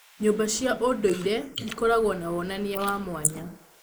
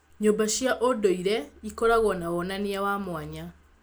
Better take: second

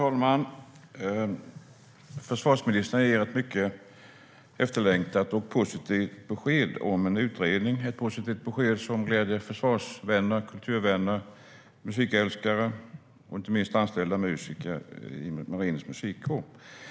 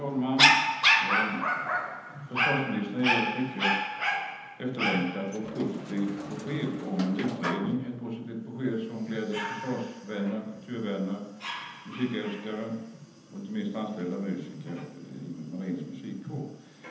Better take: first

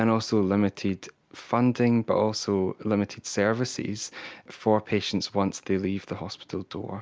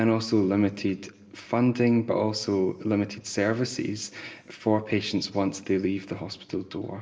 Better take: first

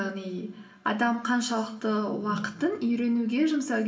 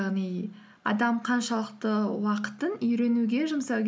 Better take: second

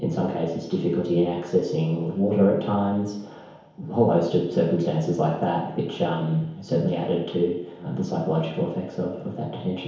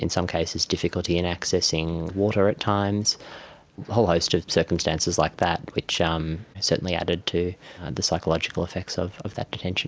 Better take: second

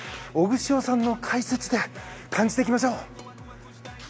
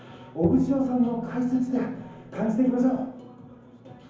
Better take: first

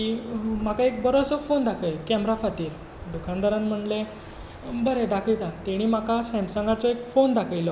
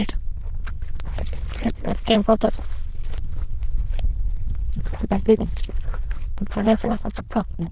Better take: first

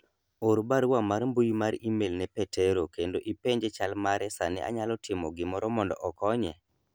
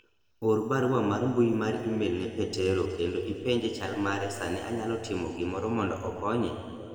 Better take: first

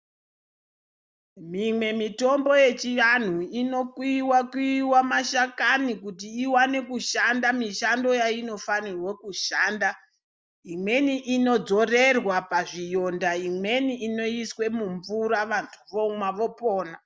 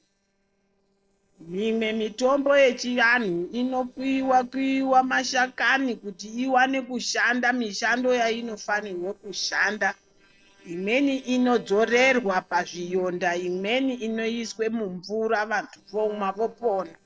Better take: first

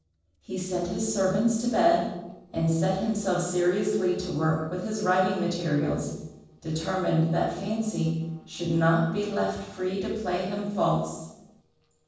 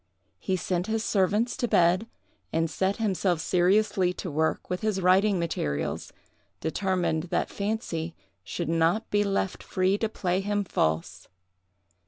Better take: second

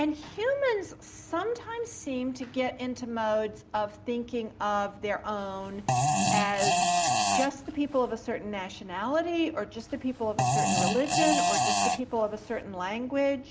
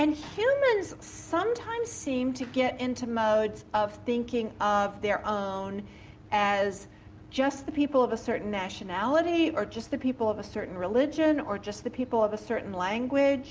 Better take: second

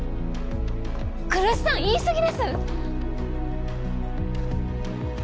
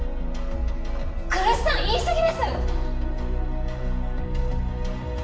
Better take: first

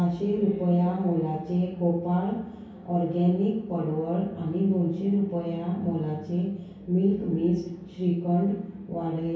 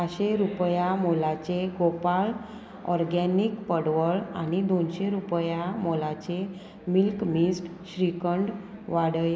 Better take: second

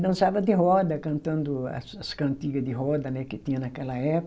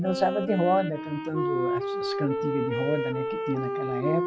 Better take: first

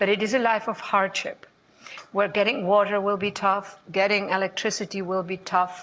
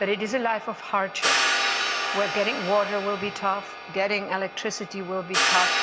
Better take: first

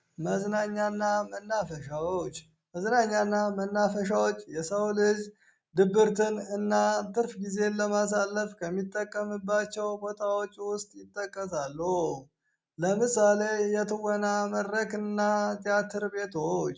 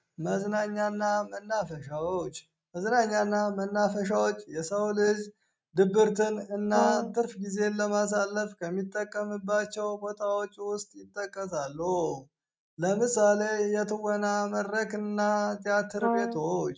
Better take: first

